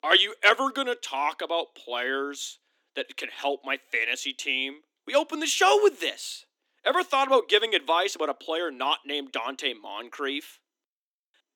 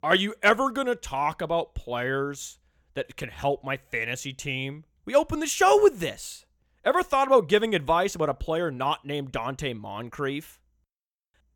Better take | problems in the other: second | thin; very slightly; fading below 250 Hz

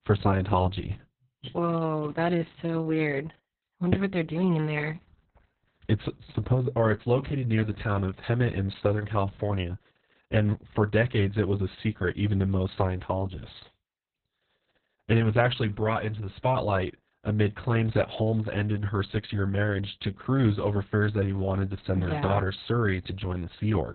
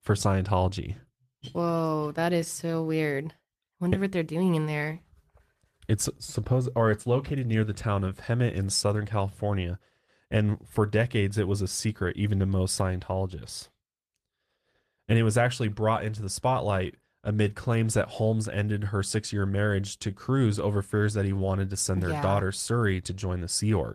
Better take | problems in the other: second | garbled, watery; badly; nothing above 4 kHz; slightly in the second

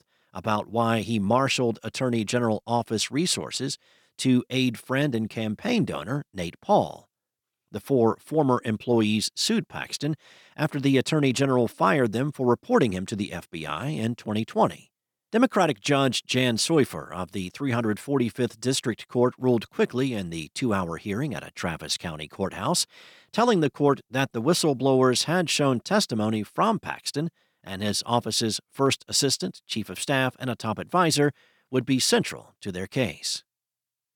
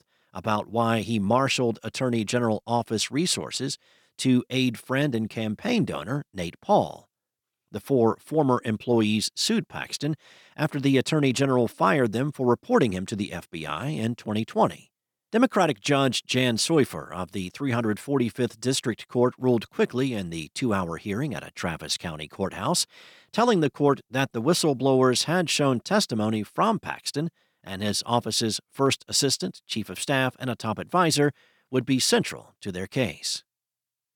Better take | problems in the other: neither | none

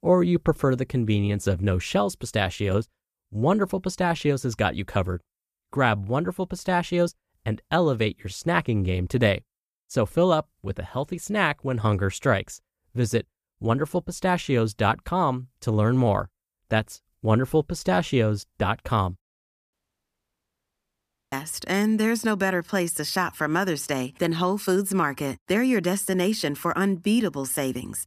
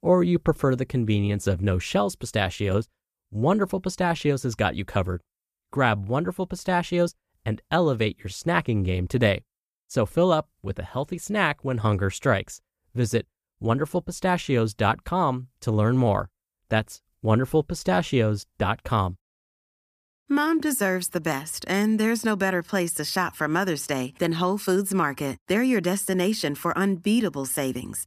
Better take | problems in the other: second | audio cutting out; at 20 s for 1.5 s

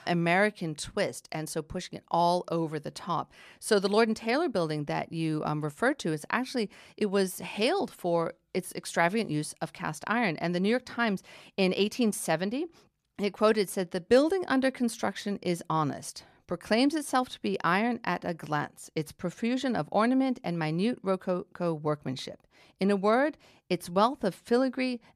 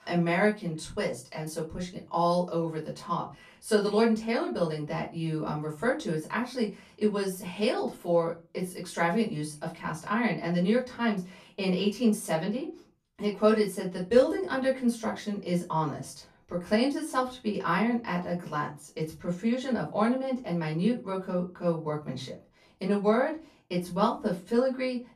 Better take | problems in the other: first | off-mic speech; far // room echo; slight; dies away in 0.2 s

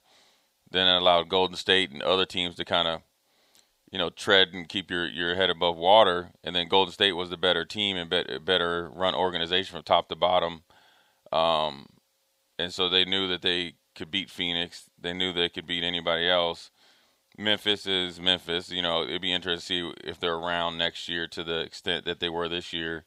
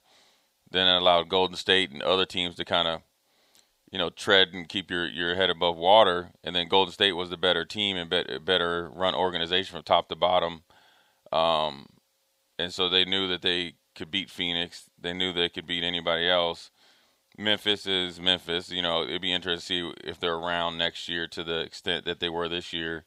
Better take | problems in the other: neither | thin; somewhat; fading below 450 Hz; the same in both

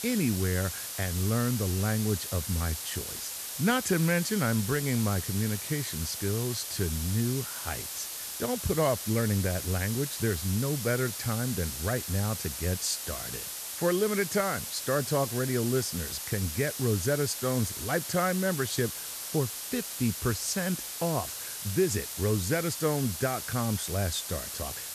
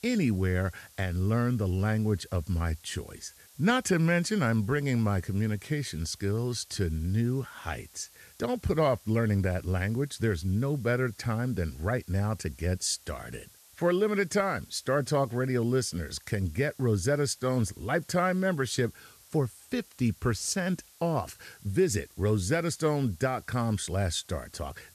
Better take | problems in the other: second | hiss; loud; throughout; 5 dB below the speech; faint in the second

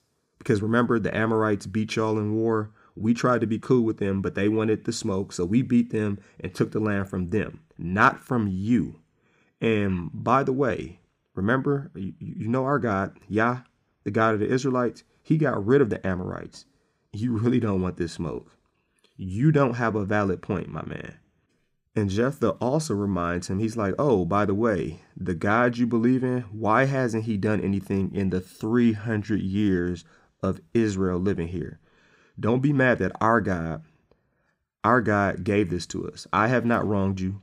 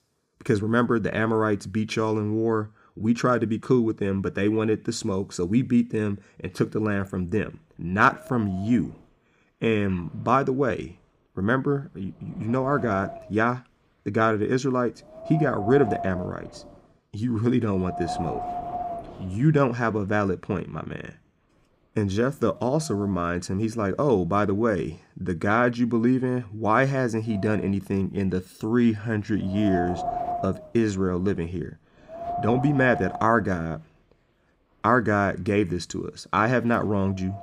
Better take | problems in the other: first | wind noise on the microphone; heavy; from 7.5 to 25 s and from 27 s on; 7 dB below the speech

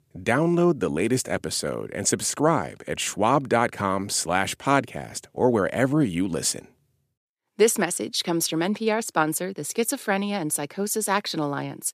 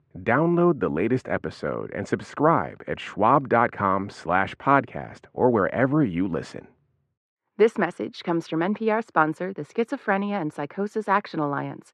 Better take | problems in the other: first | muffled; very; fading above 1.5 kHz

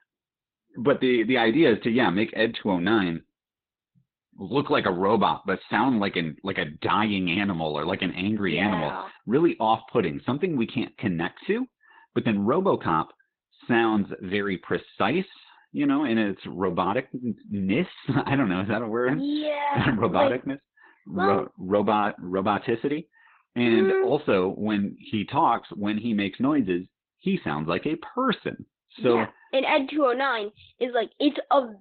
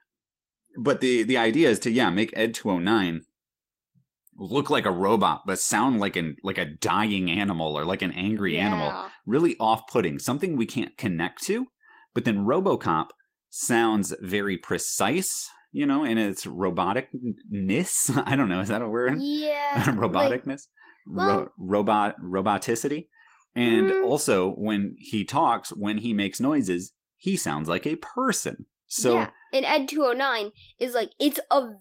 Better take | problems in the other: second | garbled, watery; badly; nothing above 4 kHz; slightly in the second

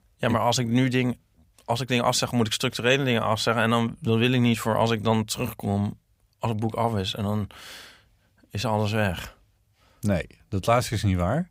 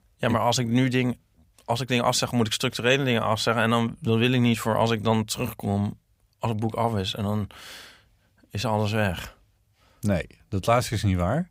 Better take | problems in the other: neither | none

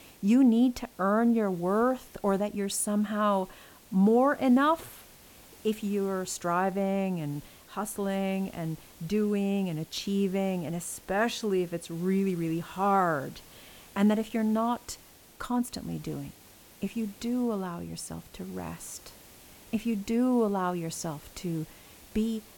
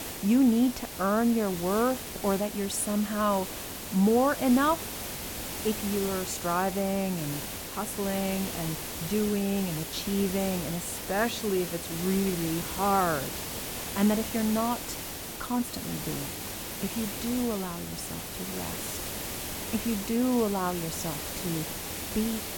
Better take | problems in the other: first | hiss; loud; throughout; 6 dB below the speech; faint in the first

